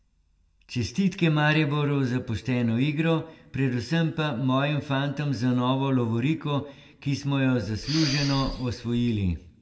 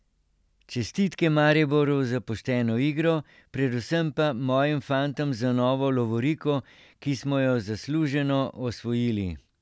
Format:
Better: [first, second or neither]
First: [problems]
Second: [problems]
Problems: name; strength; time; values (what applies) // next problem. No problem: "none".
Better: second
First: background sound (Respiratory sounds); 9 dB below the speech // room echo; dies away in 0.5 s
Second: none